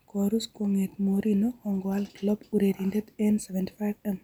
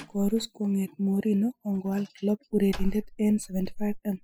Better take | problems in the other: first | noise reduction (classical method spectral subtraction)

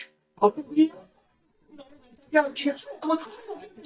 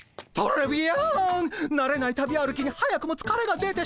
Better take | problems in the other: second | noise reduction (neural mask model DeepFilterNet 3)

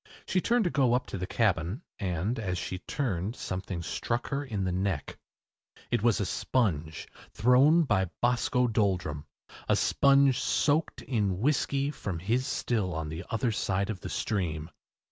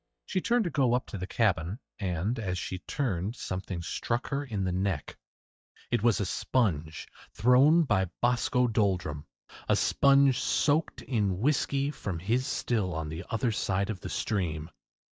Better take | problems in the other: first | noise reduction (neural mask model DeepFilterNet 3)

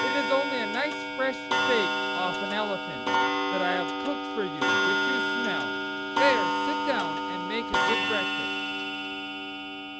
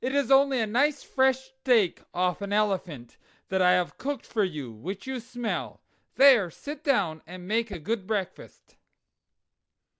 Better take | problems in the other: second | background sound (Clock); 5 dB above the speech

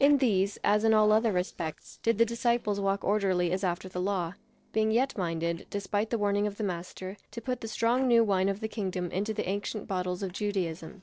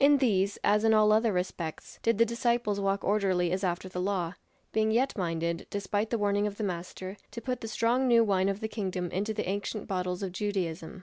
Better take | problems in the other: second | noise reduction (neural separator model SepFormer DNS4)

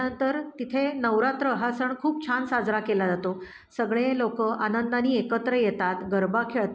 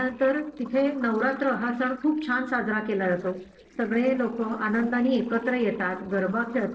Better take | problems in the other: first | noise reduction (neural separator model SepFormer DNS4)

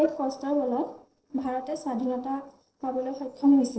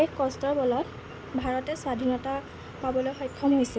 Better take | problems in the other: second | noise reduction (neural separator model SepFormer DNS4)

